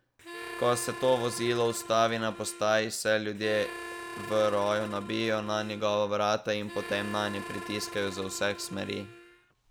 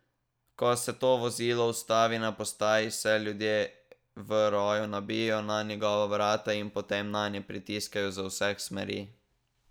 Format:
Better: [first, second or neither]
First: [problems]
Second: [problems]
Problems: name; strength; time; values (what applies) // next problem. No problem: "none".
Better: second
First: background sound (Harmonica); 12 dB below the speech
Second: none